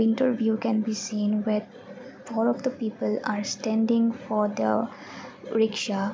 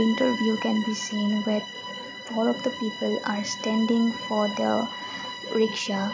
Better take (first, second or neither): first